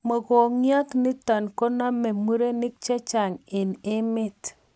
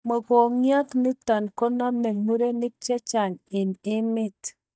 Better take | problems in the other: first | noise reduction (neural mask model DeepFilterNet 3)

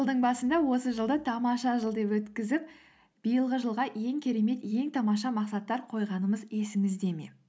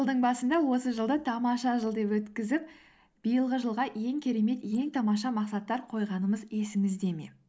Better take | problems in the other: first | noise reduction (neural mask model Resemble Enhance denoiser)

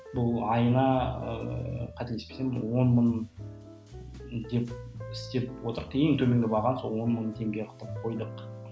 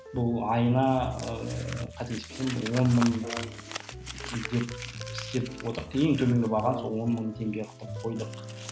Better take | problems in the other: first | background sound (Crumpling, crinkling + Brass instrument); 13 dB below the speech

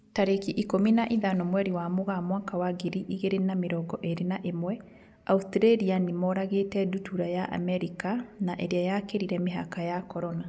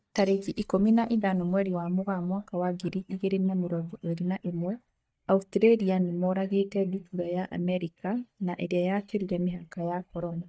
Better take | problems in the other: first | noise reduction (neural mask model DeepFilterNet 3)

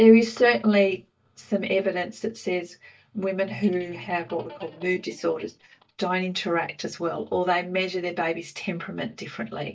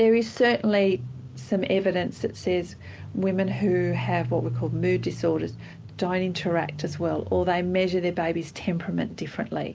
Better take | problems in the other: second | noise reduction (neural mask model DeepFilterNet 3)

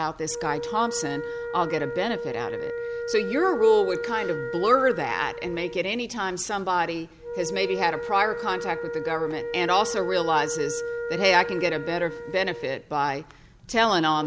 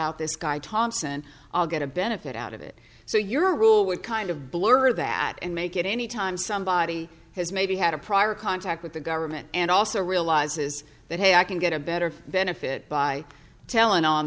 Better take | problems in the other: second | background sound (Wind instrument, woodwind instrument); 7 dB below the speech

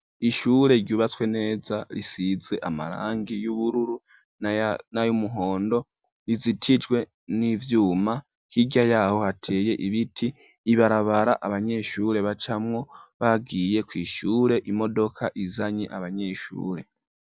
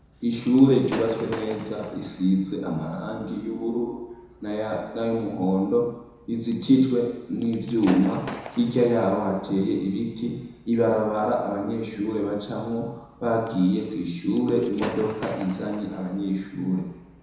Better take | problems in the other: first | background sound (Gunshot, gunfire / Fireworks); 17 dB below the speech // room echo; dies away in 1 s

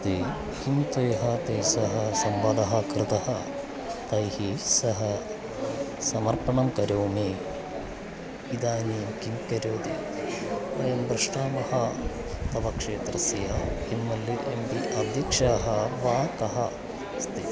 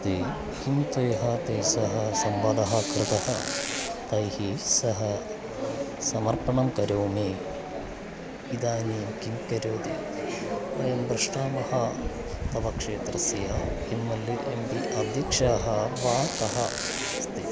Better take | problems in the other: first | background sound (Squeak); 6 dB below the speech

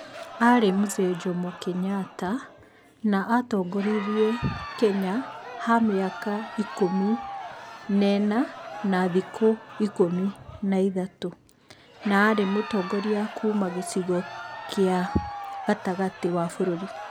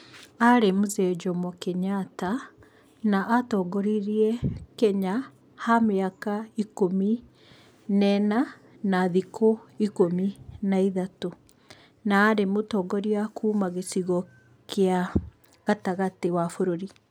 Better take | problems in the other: second | background sound (Crowd); 13 dB below the speech

